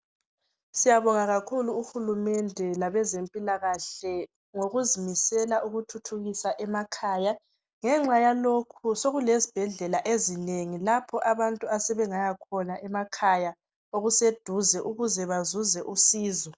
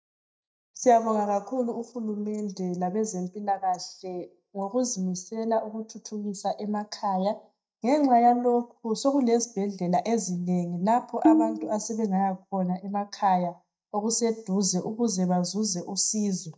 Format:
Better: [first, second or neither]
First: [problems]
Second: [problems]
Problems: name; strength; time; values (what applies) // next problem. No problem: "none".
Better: first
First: none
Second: noise reduction (neural mask model DeepFilterNet 3)